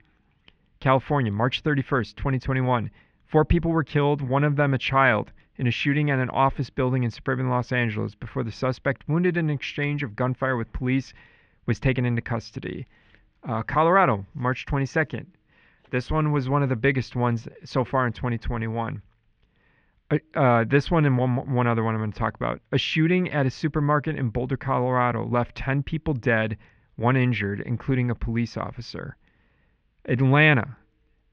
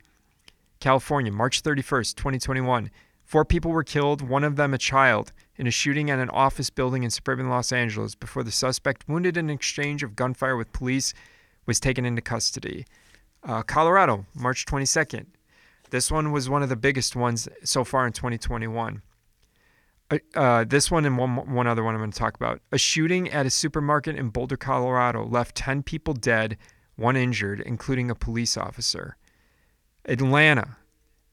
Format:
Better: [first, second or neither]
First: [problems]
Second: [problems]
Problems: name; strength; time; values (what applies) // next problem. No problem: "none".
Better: second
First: muffled; very; fading above 3 kHz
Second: none